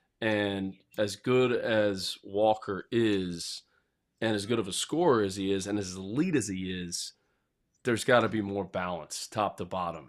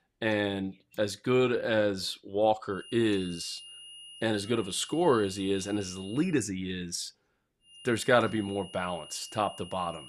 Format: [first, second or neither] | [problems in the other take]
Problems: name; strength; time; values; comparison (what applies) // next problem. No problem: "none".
first | high-pitched whine; noticeable; from 3 to 6.5 s and from 7.5 s on; 3 kHz, 15 dB below the speech